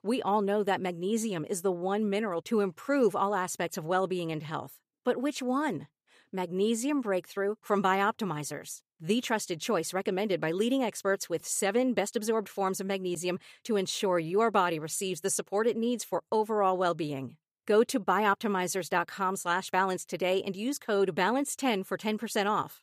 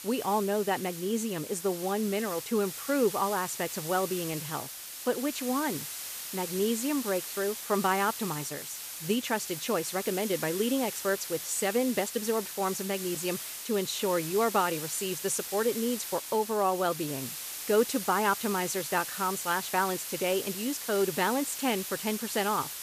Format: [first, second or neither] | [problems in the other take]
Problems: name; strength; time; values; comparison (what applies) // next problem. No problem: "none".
first | hiss; loud; throughout; 6 dB below the speech